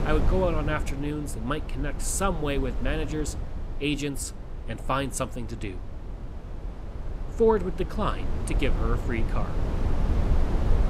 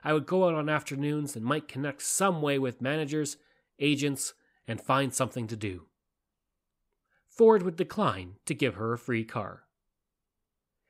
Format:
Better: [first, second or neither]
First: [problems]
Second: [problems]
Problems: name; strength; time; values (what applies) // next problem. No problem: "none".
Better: second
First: wind noise on the microphone; occasional gusts; 10 dB below the speech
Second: none